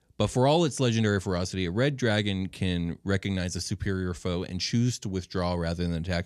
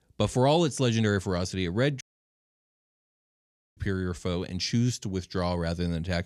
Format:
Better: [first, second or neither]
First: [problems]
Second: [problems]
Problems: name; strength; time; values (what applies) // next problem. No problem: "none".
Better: first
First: none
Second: audio cutting out; at 2 s for 2 s